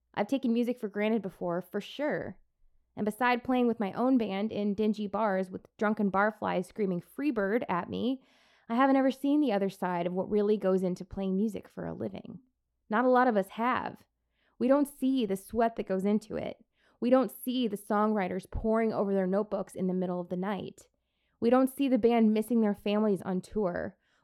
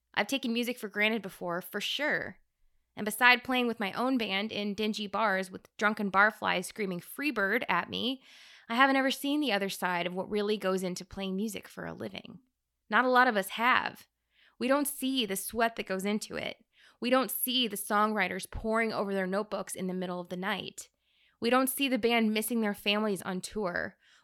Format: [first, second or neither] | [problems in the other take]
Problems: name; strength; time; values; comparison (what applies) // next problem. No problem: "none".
second | muffled; slightly; fading above 1 kHz